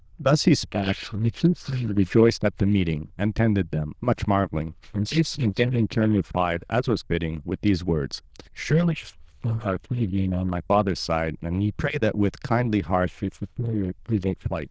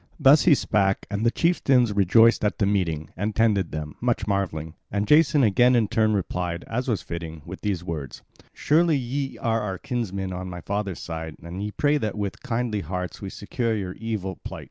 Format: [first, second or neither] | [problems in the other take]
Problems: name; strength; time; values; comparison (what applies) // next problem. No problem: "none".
second | noise reduction (neural diffusion model UNIVERSE++)